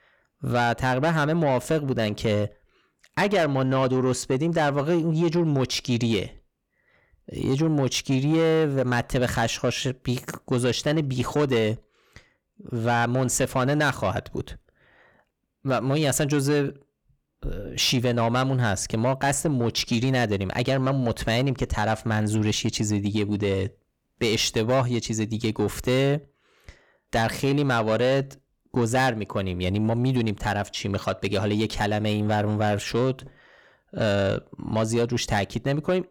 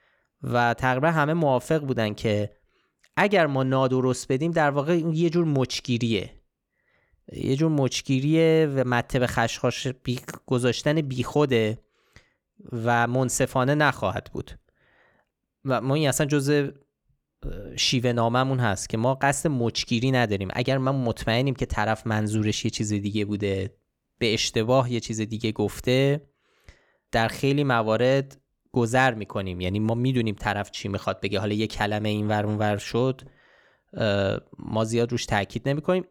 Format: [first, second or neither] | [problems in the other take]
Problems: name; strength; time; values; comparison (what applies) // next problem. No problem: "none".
second | distortion; slight; 10 dB below the speech